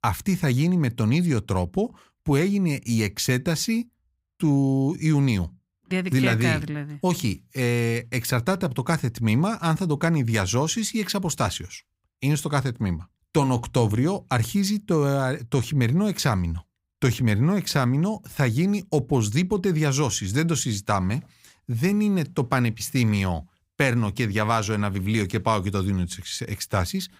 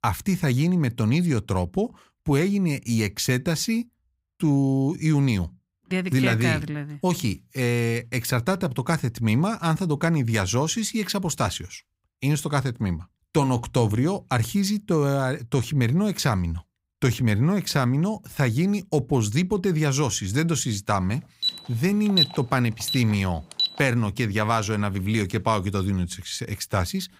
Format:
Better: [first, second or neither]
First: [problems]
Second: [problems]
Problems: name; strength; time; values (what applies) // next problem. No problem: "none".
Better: first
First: none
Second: alarm; loud; from 21 to 24 s; peak 3 dB above the speech